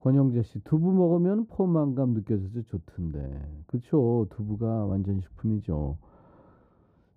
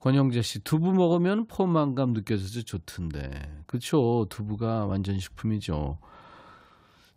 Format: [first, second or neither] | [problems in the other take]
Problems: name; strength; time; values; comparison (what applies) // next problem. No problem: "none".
second | muffled; very; fading above 1.5 kHz